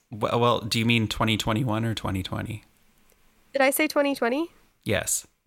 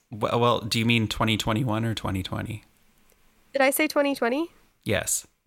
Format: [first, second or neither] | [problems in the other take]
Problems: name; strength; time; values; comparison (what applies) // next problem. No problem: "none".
neither | none